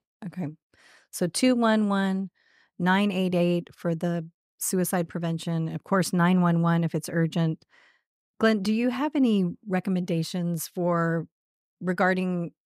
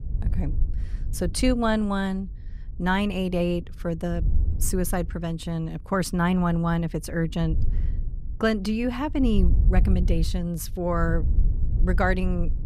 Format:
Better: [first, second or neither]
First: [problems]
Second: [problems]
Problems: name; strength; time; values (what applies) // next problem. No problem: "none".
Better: first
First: none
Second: wind noise on the microphone; occasional gusts; 20 dB below the speech